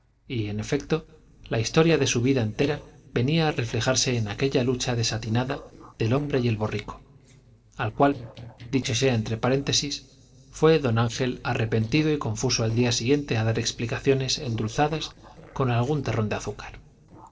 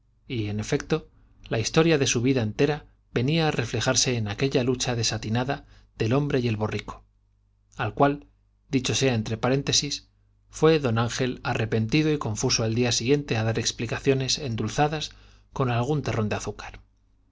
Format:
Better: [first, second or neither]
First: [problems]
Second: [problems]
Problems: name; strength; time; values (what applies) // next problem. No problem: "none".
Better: second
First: noise reduction (neural separator model SepFormer DNS4)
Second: none